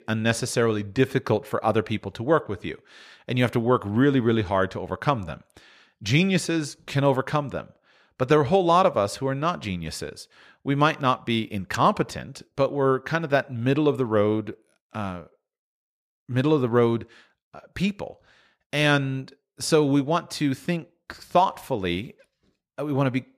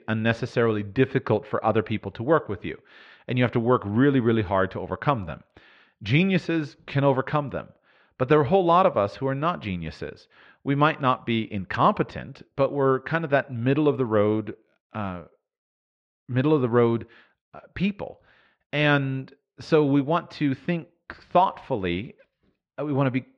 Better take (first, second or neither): first